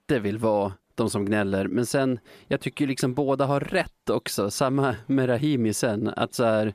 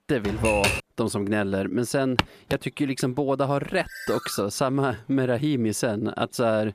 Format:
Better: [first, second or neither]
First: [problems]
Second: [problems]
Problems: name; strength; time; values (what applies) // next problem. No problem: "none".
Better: first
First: none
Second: keyboard typing; loud; at 0.5 s; peak 2 dB above the speech // footsteps; very faint; at 2 s; peak 1 dB below the speech // phone ringing; faint; at 4 s; peak 10 dB below the speech